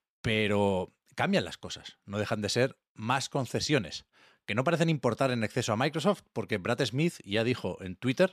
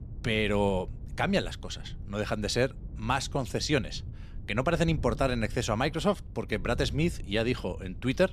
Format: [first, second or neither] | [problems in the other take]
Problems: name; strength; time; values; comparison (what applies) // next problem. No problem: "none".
first | wind noise on the microphone; occasional gusts; 25 dB below the speech